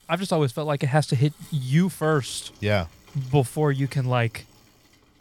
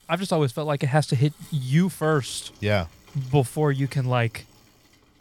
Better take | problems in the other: neither | traffic noise; faint; throughout; 25 dB below the speech; the same in both

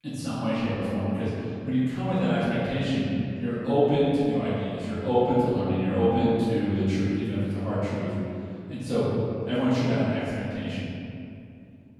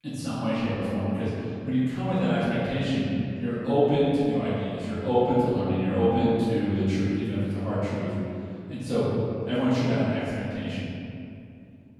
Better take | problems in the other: neither | off-mic speech; far; the same in both // room echo; strong; dies away in 2.4 s; the same in both

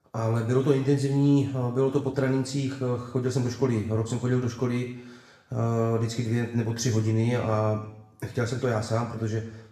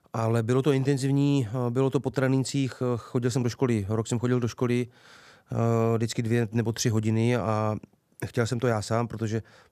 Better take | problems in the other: second | room echo; slight; dies away in 0.8 s // off-mic speech; somewhat distant

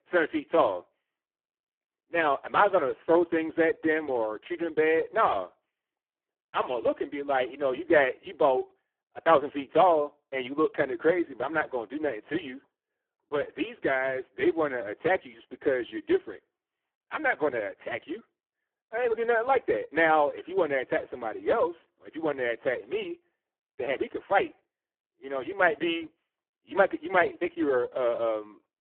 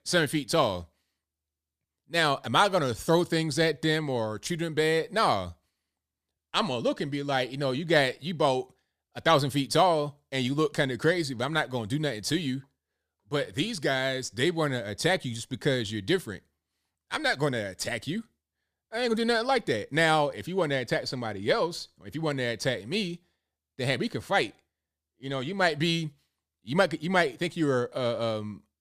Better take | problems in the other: second | phone-call audio; poor line

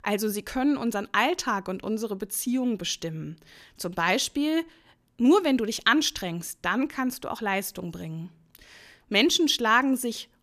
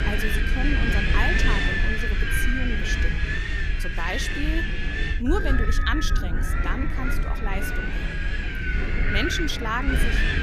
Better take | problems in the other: first | wind noise on the microphone; heavy; 4 dB above the speech

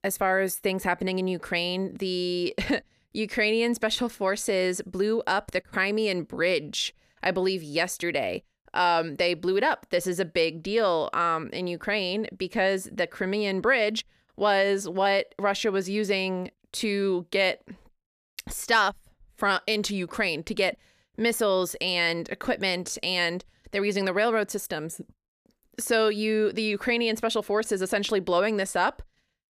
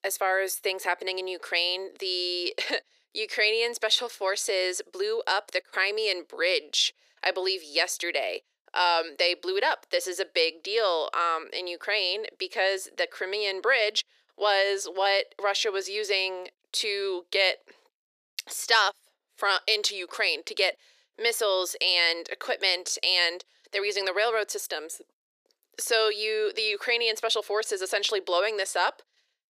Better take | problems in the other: first | thin; very; fading below 350 Hz

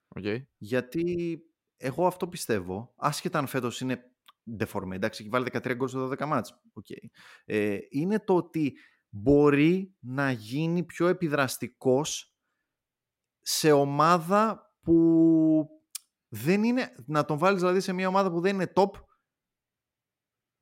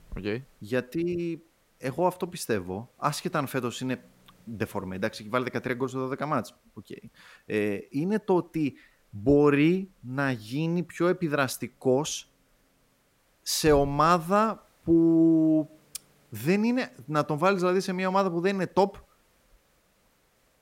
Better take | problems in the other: first | hiss; faint; throughout; 30 dB below the speech

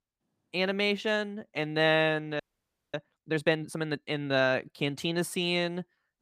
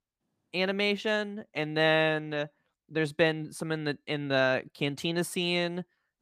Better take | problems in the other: second | audio freezing; at 2.5 s for 0.5 s

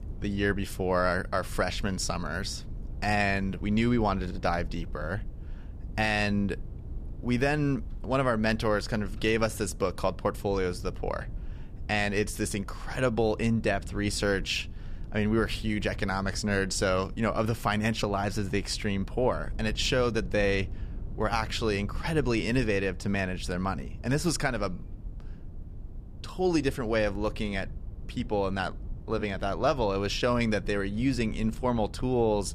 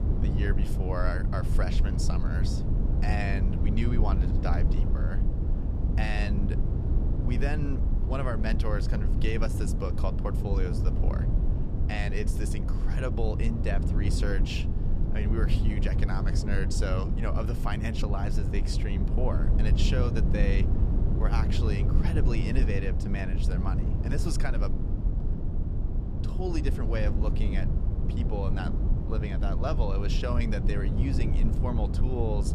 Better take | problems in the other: first | low rumble; loud; throughout; 4 dB below the speech; faint in the first

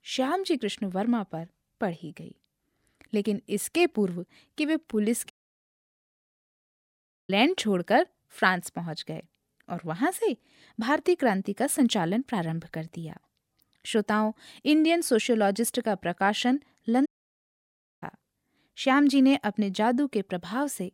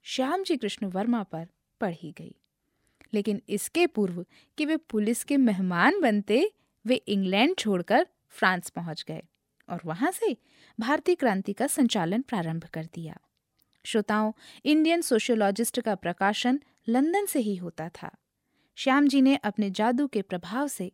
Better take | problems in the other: second | audio cutting out; at 5.5 s for 2 s and at 17 s for 1 s

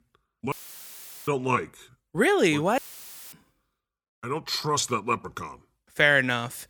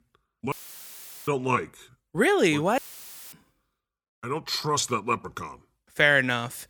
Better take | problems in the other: neither | audio cutting out; filled with static; at 0.5 s for 1 s and at 3 s for 0.5 s; the same in both

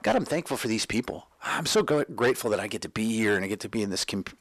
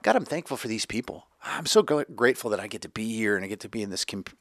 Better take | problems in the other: second | distortion; heavy; 7 dB below the speech

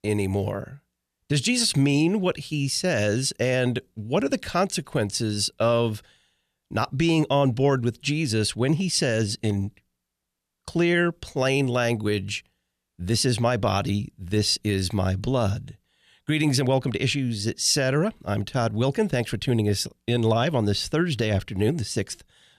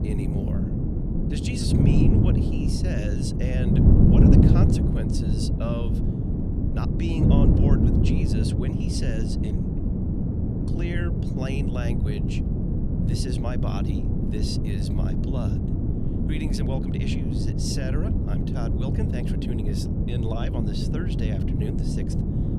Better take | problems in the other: first | wind noise on the microphone; heavy; 4 dB above the speech

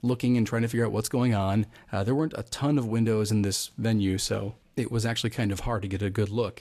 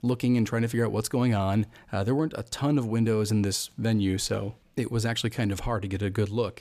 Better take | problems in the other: second | garbled, watery; slightly; nothing above 12.5 kHz

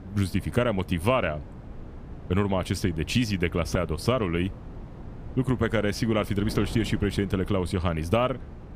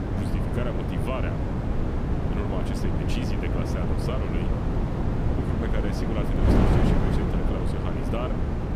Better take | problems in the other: first | wind noise on the microphone; heavy; 4 dB above the speech; occasional gusts in the first

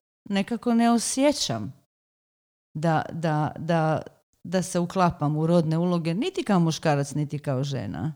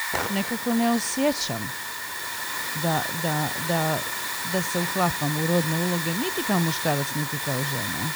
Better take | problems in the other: first | hiss; loud; throughout; 1 dB below the speech

